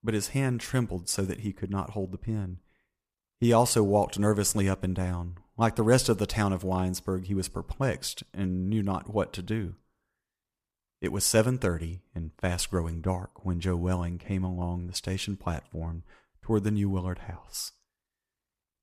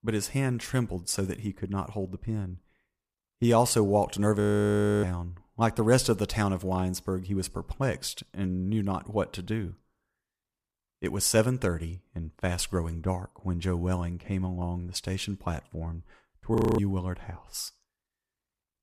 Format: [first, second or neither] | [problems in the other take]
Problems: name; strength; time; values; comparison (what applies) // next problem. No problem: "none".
first | audio freezing; at 4.5 s for 0.5 s and at 17 s